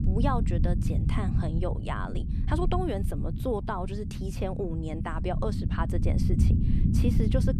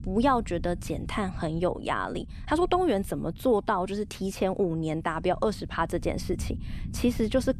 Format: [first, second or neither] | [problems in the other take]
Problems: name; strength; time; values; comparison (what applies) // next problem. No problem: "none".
second | low rumble; loud; throughout; 6 dB below the speech; faint in the second